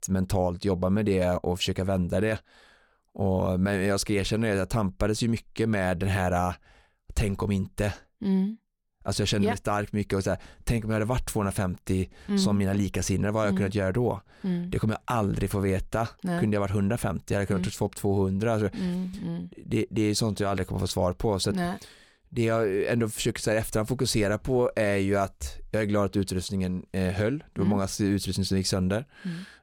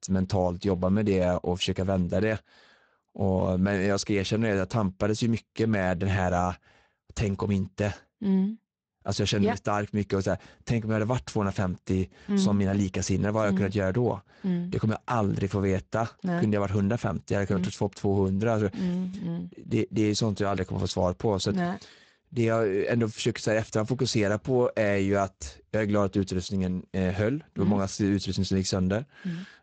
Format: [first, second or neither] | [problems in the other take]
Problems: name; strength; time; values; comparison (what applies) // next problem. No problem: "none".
first | garbled, watery; slightly; nothing above 8 kHz